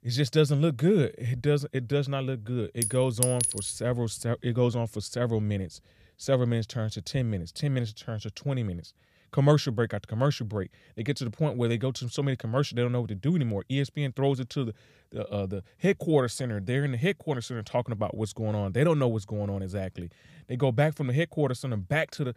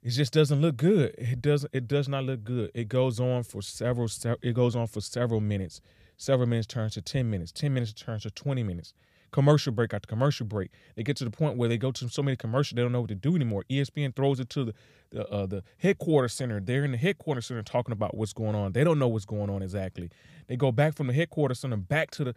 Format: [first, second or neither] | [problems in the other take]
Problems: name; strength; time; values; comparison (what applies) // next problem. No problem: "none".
second | clattering dishes; loud; at 3 s; peak 2 dB above the speech